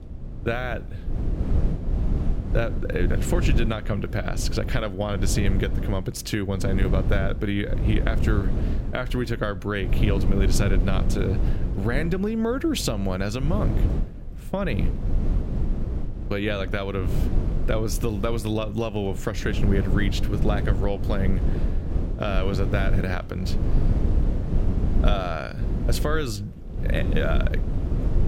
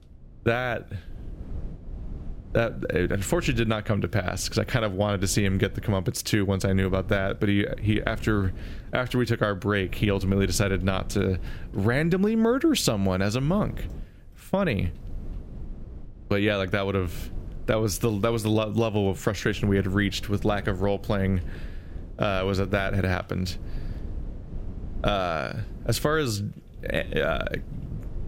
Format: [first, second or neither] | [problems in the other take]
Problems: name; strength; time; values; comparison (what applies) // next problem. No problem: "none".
second | wind noise on the microphone; heavy; 8 dB below the speech; occasional gusts in the second